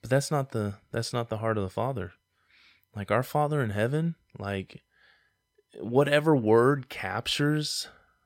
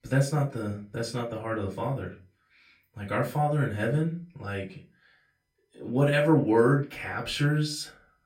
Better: first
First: none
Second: off-mic speech; far // room echo; very slight; dies away in 0.3 s

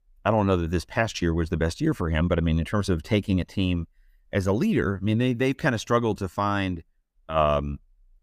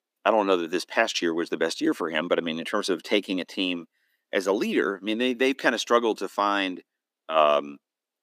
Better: first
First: none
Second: thin; somewhat; fading below 250 Hz

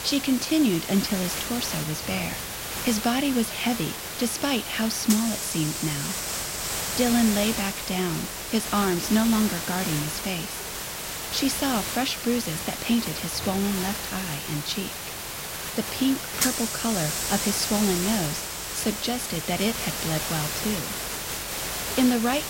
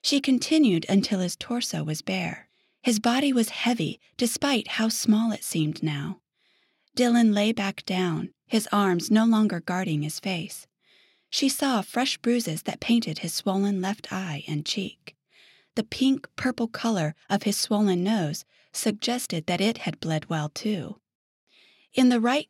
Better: second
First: hiss; loud; throughout; 2 dB below the speech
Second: none

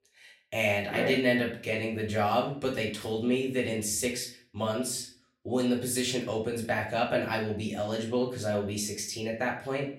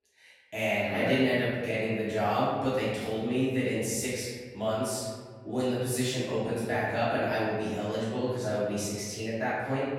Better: first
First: room echo; slight; dies away in 0.4 s // off-mic speech; far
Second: room echo; strong; dies away in 1.6 s // off-mic speech; far

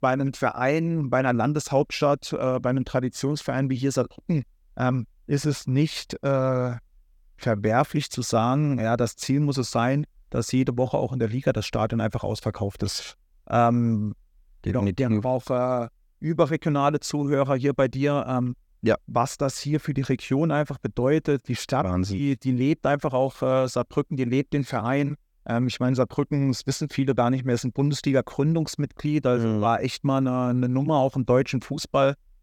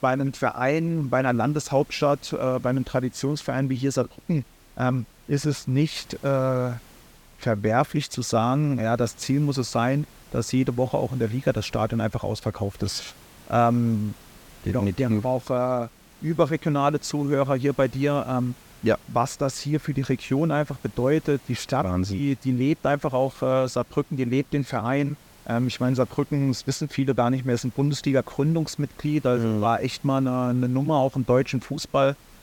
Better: first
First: none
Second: hiss; faint; throughout; 25 dB below the speech

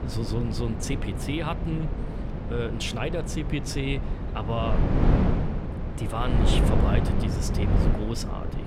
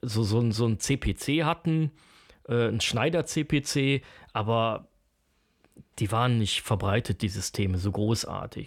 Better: second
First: wind noise on the microphone; heavy; 2 dB below the speech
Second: none

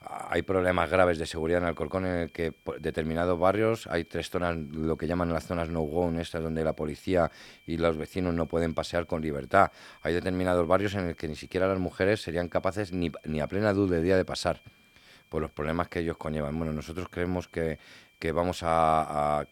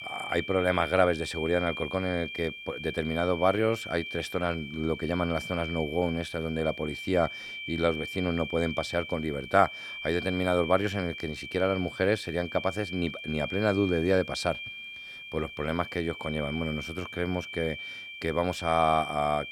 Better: first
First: high-pitched whine; faint; throughout; 2.5 kHz, 30 dB below the speech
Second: high-pitched whine; loud; throughout; 2.5 kHz, 8 dB below the speech

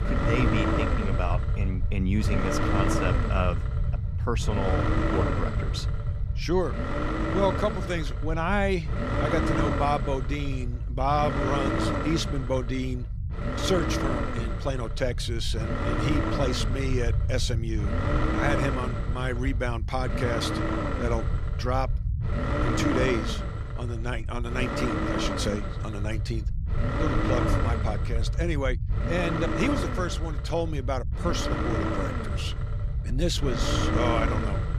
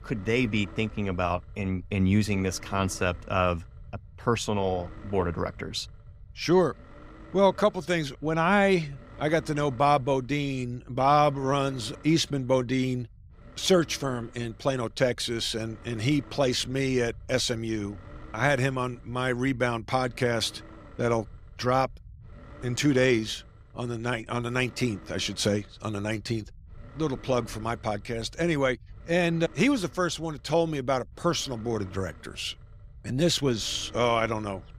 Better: second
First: low rumble; loud; throughout; as loud as the speech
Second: low rumble; faint; throughout; 25 dB below the speech

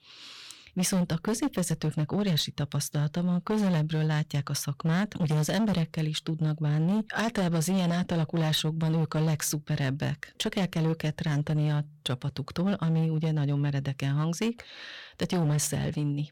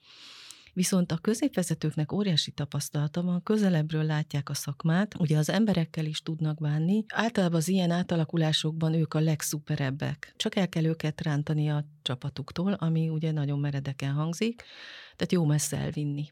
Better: second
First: distortion; slight; 16% of the sound clipped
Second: none

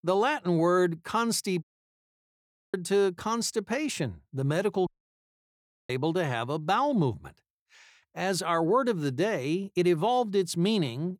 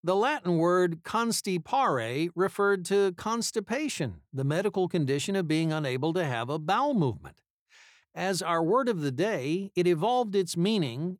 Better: second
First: audio cutting out; at 1.5 s for 1 s and at 5 s for 1 s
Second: none

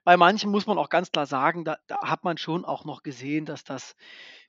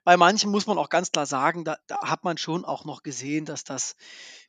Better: second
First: muffled; very slightly; fading above 4 kHz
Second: none

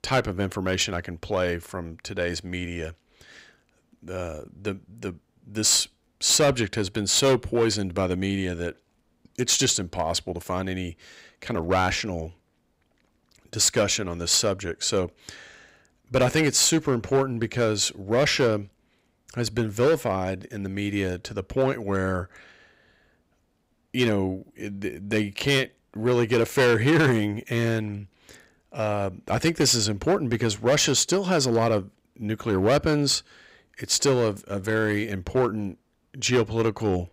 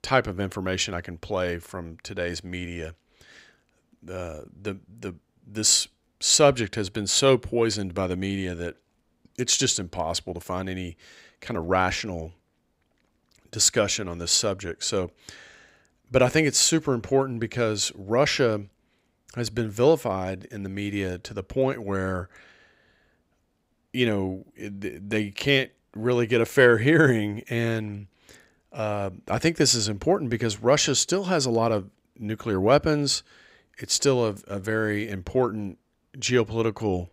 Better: second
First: distortion; slight; 4% of the sound clipped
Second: none

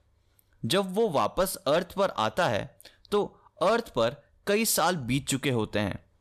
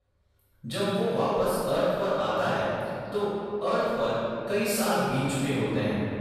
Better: first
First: none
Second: room echo; strong; dies away in 2.6 s // off-mic speech; far

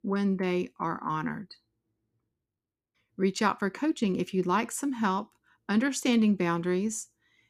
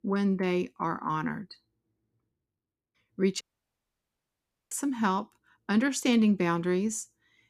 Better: first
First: none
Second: audio cutting out; at 3.5 s for 1.5 s

